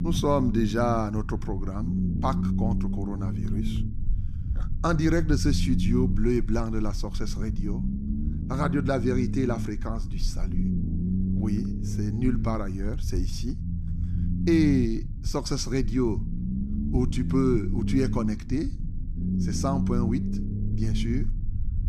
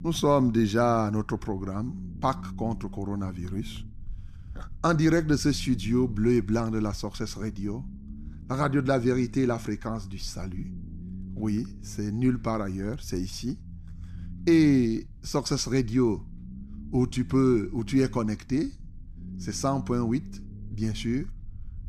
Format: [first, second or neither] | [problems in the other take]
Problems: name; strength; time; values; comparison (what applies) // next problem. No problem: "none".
second | low rumble; loud; throughout; 8 dB below the speech; faint in the second